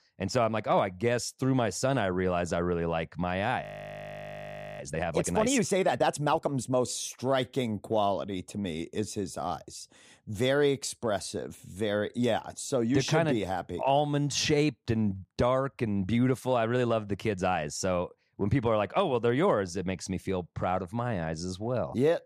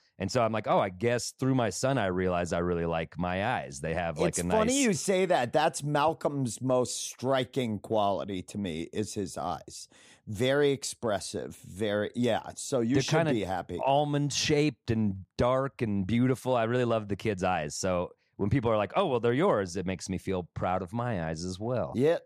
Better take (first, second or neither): second